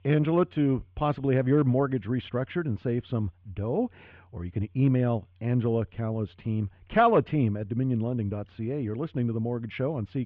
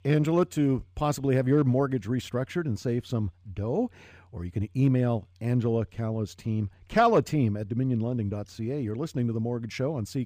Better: second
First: muffled; very; fading above 3 kHz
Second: none

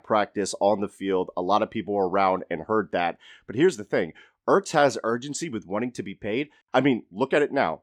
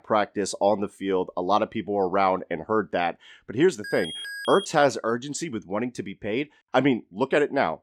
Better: first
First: none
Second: alarm; noticeable; at 4 s; peak 7 dB below the speech

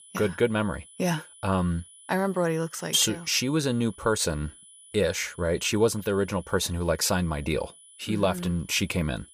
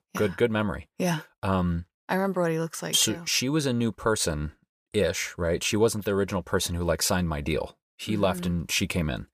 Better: second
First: high-pitched whine; faint; throughout; 10 kHz, 20 dB below the speech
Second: none

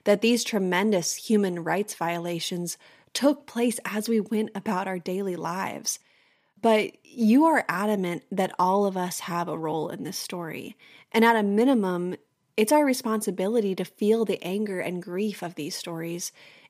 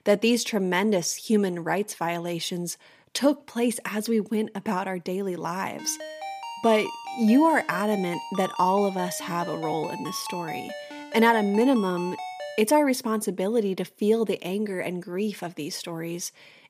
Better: first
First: none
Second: phone ringing; noticeable; from 6 to 13 s; peak 10 dB below the speech

